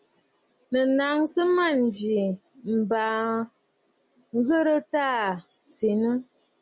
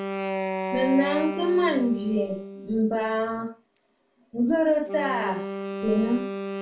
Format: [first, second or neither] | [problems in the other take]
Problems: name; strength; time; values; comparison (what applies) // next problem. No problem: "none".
first | background sound (Wind instrument, woodwind instrument); 7 dB below the speech // room echo; dies away in 0.3 s